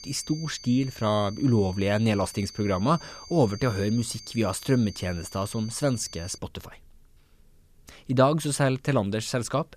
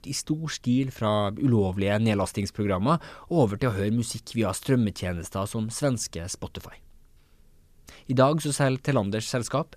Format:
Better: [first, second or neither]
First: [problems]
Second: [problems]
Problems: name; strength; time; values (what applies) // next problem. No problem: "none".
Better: second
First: high-pitched whine; noticeable; until 6.5 s; 4.5 kHz, 15 dB below the speech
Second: none